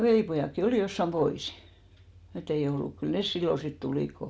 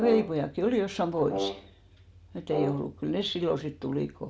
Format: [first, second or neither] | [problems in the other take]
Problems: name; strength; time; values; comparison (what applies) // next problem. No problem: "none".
first | background sound (Brass instrument); 7 dB below the speech